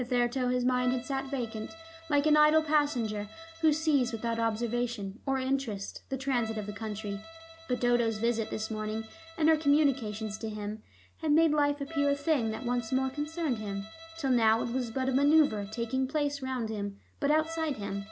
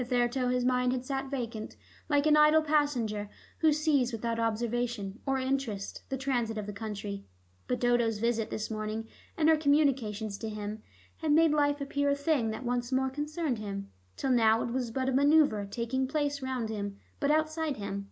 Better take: second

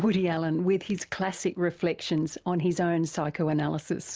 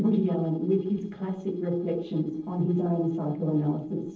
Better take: first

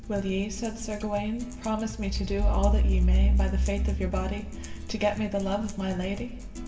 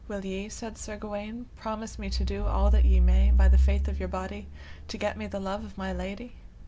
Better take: second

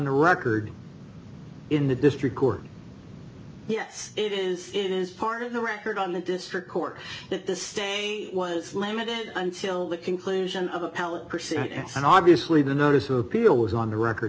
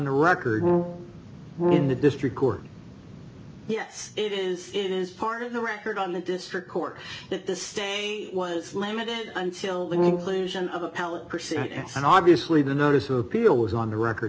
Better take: first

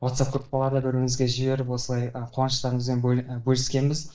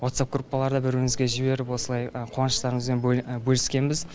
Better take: second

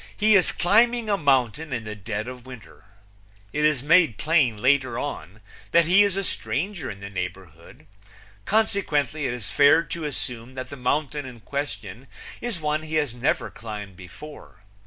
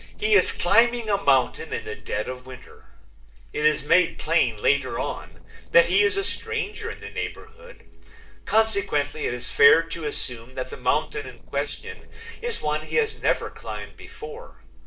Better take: first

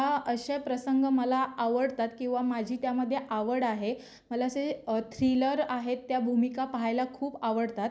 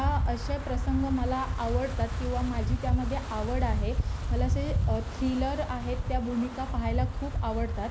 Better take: first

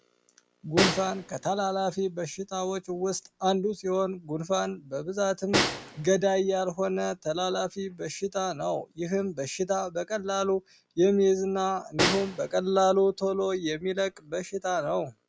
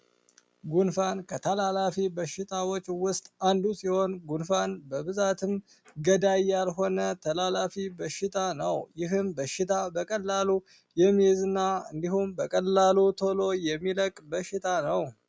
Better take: second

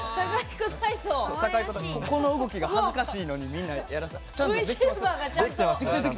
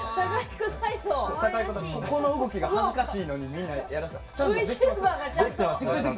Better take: first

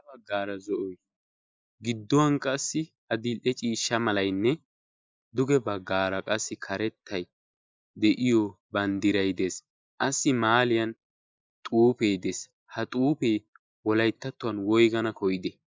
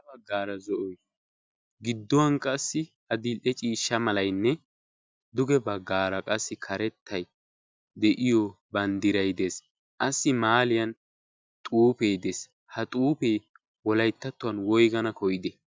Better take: second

